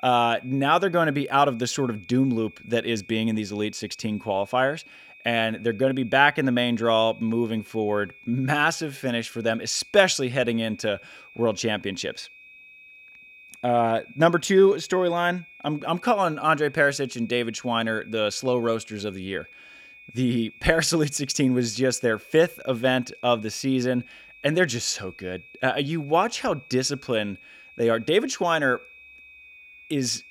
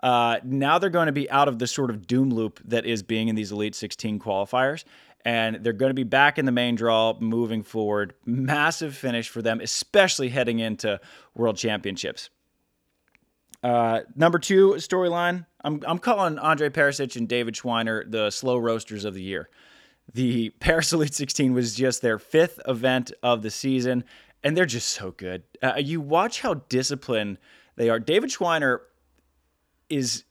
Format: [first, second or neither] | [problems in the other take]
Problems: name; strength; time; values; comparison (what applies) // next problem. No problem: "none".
second | high-pitched whine; faint; throughout; 2.5 kHz, 20 dB below the speech